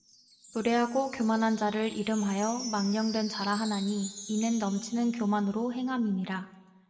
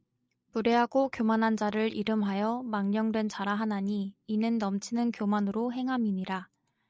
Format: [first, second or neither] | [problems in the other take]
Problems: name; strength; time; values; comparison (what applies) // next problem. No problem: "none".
second | background sound (Wind chime); 15 dB below the speech // room echo; dies away in 0.8 s